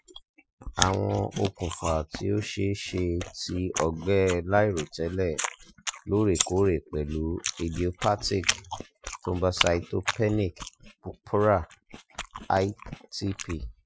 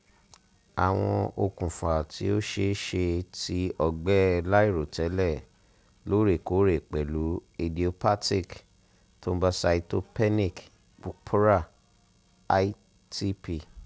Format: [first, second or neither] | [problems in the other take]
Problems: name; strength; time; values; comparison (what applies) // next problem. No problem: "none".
second | noise reduction (classical method Wiener filter)